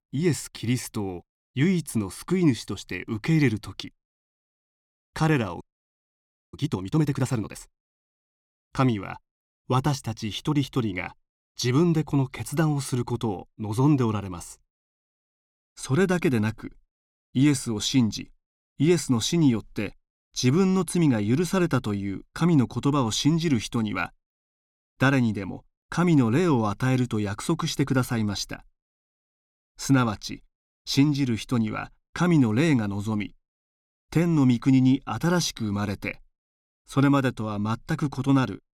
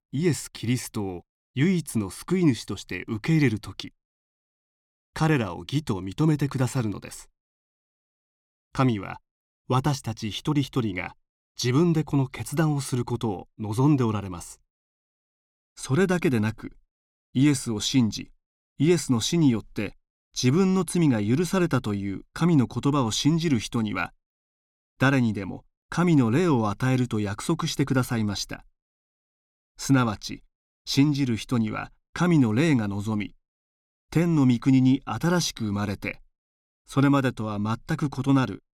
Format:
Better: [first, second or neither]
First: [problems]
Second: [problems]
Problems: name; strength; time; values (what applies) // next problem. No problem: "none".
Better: second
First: audio freezing; at 5.5 s for 1 s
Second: none